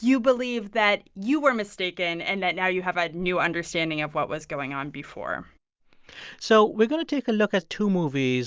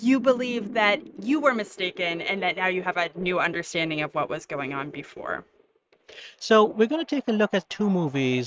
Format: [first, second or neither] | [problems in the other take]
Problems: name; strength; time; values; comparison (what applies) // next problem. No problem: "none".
first | noise reduction (neural mask model RNNoise)